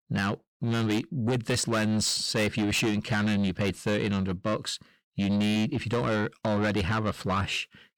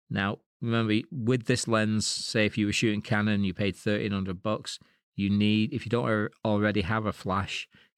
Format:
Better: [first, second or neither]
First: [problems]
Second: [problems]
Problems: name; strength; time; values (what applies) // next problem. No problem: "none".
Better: second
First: distortion; heavy; 8 dB below the speech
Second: none